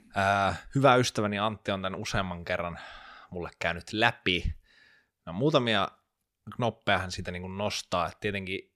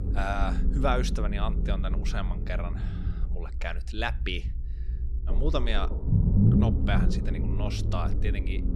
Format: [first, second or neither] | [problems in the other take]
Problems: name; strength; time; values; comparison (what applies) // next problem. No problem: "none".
first | low rumble; loud; throughout; 5 dB below the speech